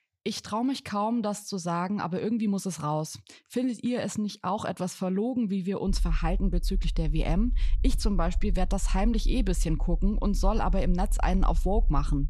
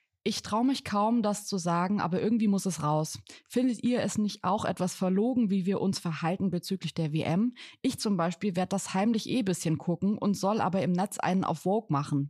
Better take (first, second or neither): second